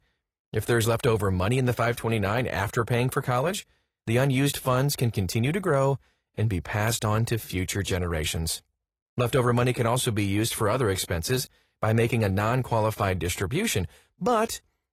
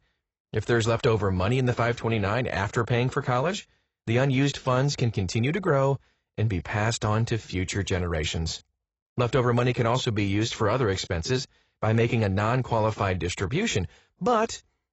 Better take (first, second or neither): first